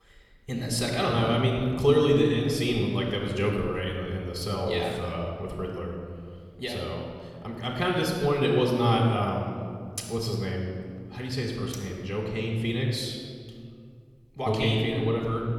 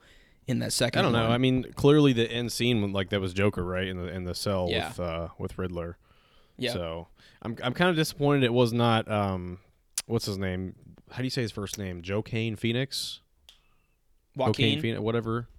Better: second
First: off-mic speech; far // room echo; noticeable; dies away in 1.7 s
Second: none

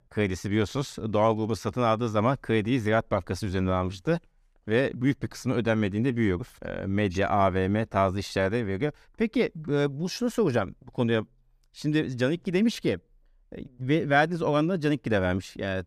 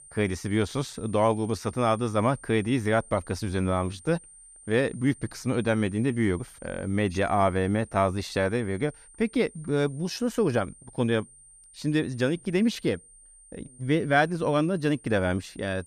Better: first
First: none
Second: high-pitched whine; faint; throughout; 9 kHz, 20 dB below the speech

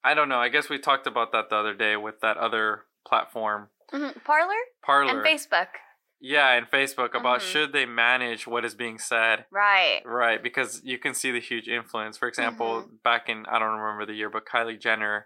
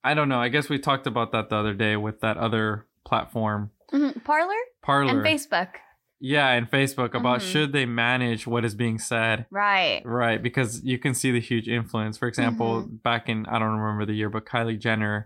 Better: second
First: thin; very; fading below 500 Hz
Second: none

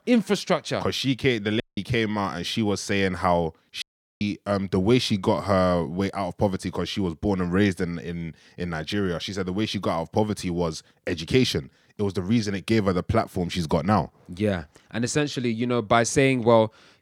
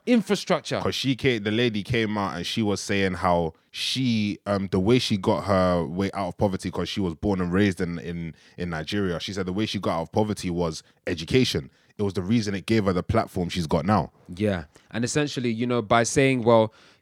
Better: second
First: audio cutting out; at 1.5 s and at 4 s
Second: none

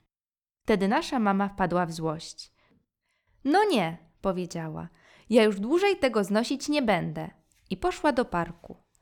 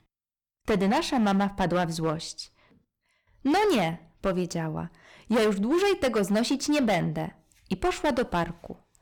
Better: first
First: none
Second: distortion; heavy; 10% of the sound clipped

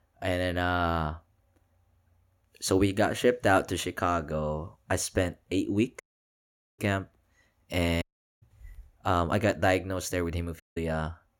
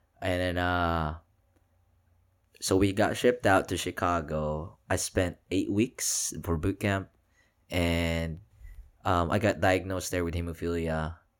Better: second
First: audio cutting out; at 6 s for 1 s, at 8 s and at 11 s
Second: none

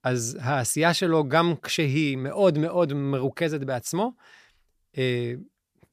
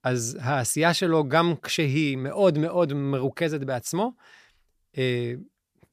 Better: neither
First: none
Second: none

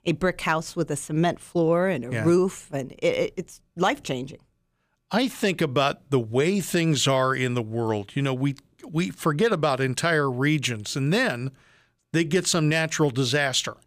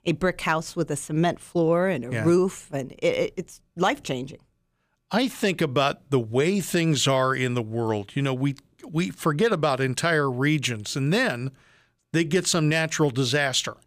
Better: neither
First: none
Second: none

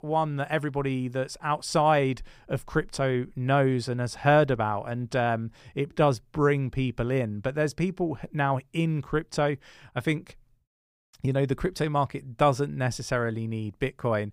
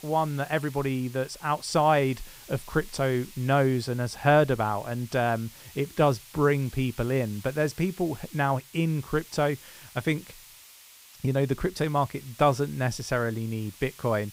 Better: first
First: none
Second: hiss; noticeable; throughout; 20 dB below the speech

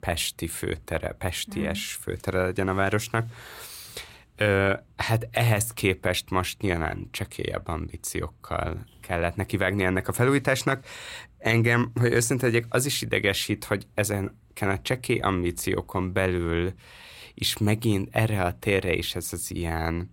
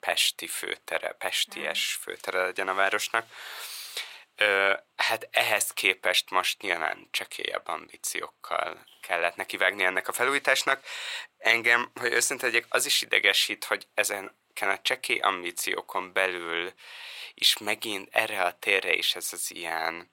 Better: first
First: none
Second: thin; very; fading below 700 Hz

